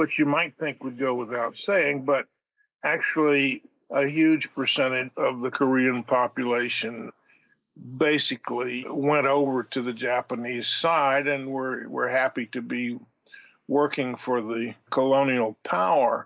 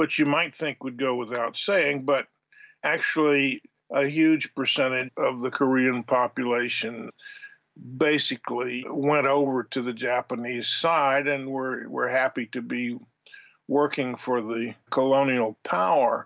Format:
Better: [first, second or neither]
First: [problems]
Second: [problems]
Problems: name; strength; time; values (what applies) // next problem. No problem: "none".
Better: second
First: noise reduction (neural mask model Resemble Enhance denoiser)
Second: none